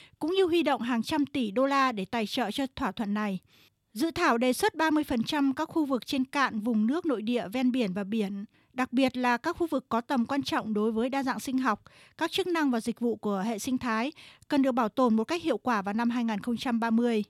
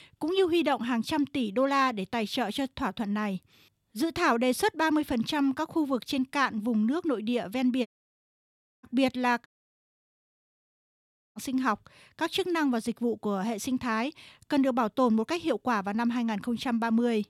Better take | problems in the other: first | audio cutting out; at 8 s for 1 s and at 9.5 s for 2 s

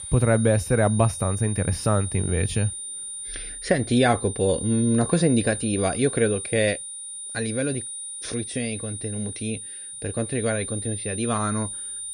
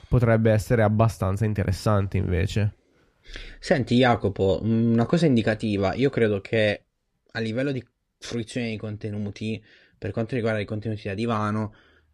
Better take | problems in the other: second | high-pitched whine; loud; throughout; 9 kHz, 7 dB below the speech

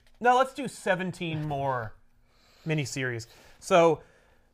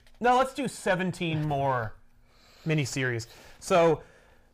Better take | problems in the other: first | distortion; slight; 10 dB below the speech

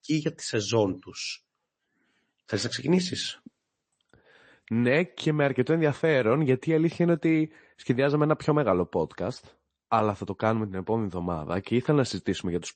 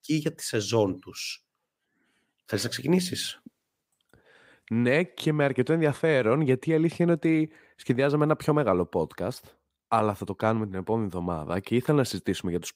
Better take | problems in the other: second | garbled, watery; slightly; nothing above 8 kHz

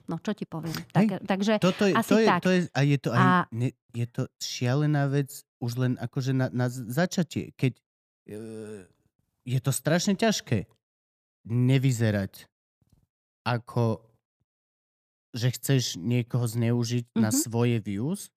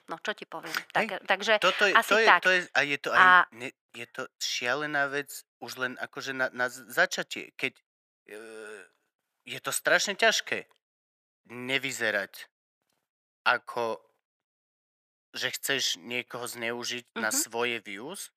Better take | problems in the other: first | thin; very; fading below 600 Hz

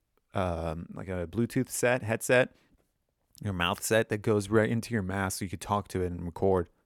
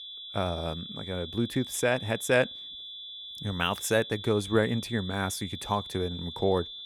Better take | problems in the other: first | high-pitched whine; loud; throughout; 3.5 kHz, 10 dB below the speech

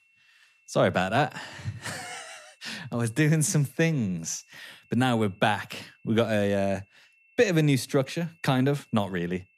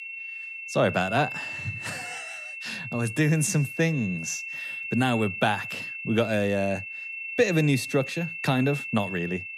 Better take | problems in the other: first | high-pitched whine; loud; throughout; 2.5 kHz, 7 dB below the speech; faint in the first

